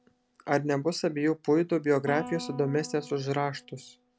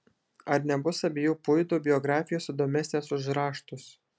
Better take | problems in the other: second | background sound (Guitar); 17 dB below the speech

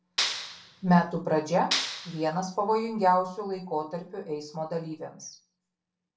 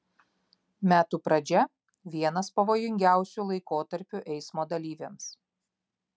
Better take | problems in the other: second | background sound (Clapping); 5 dB below the speech // room echo; dies away in 0.3 s

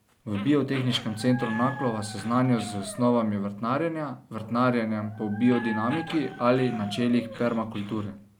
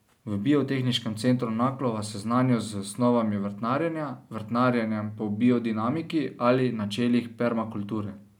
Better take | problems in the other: second | background sound (Dog + Growling); 14 dB below the speech

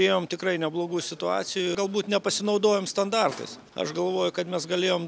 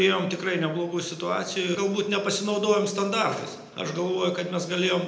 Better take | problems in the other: first | room echo; dies away in 0.8 s

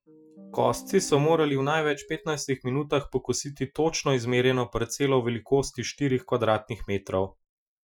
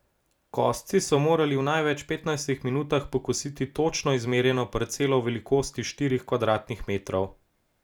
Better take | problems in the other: second | noise reduction (classical method Wiener filter)

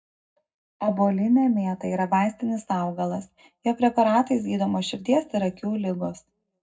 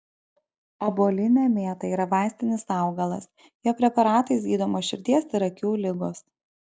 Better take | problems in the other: second | room echo; dies away in 0.3 s

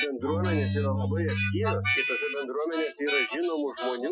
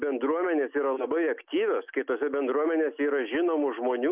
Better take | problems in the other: second | noise reduction (classical method Wiener filter)

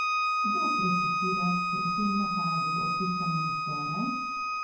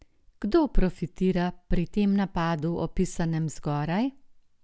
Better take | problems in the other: second | background sound (Bowed string instrument); 5 dB above the speech // room echo; dies away in 0.9 s

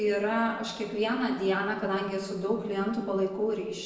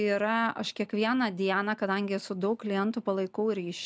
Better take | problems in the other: second | noise reduction (neural separator model SepFormer DNS4)

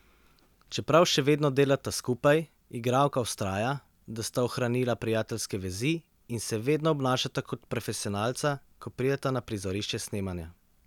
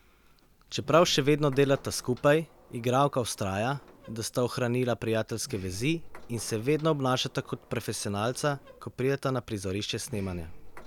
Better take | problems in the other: first | background sound (Sliding door); 20 dB below the speech

